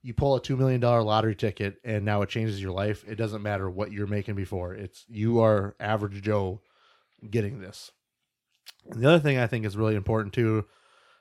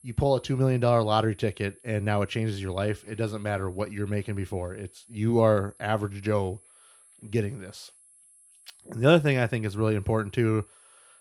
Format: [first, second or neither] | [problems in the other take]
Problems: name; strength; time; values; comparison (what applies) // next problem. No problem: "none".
first | high-pitched whine; faint; throughout; 11 kHz, 25 dB below the speech